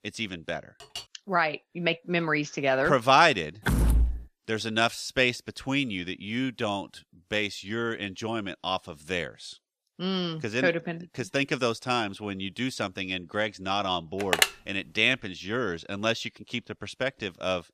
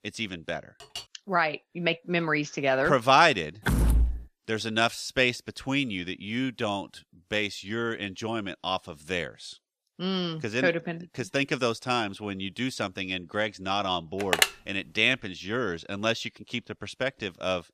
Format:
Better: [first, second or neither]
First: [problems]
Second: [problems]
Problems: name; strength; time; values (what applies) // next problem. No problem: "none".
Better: neither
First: clattering dishes; faint; at 1 s; peak 10 dB below the speech // door banging; loud; at 3.5 s; peak 4 dB above the speech // phone ringing; loud; at 14 s; peak 4 dB above the speech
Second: clattering dishes; faint; at 1 s; peak 10 dB below the speech // door banging; loud; at 3.5 s; peak 4 dB above the speech // phone ringing; loud; at 14 s; peak 4 dB above the speech